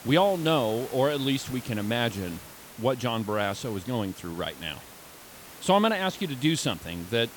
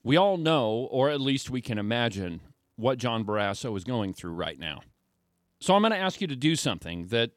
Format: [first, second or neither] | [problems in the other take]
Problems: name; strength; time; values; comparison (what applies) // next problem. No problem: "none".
second | hiss; noticeable; throughout; 15 dB below the speech